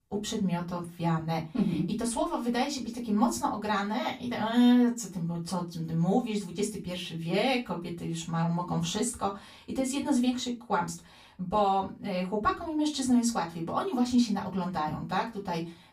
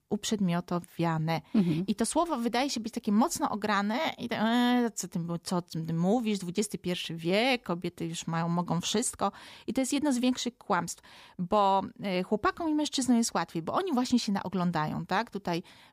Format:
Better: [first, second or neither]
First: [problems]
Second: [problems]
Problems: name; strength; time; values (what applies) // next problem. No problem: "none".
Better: second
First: off-mic speech; far // room echo; very slight; dies away in 0.2 s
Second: none